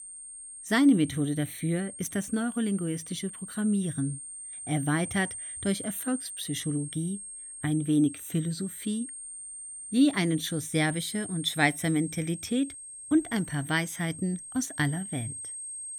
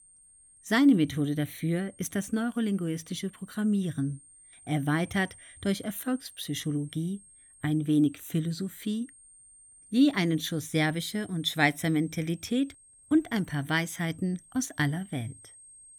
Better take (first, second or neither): second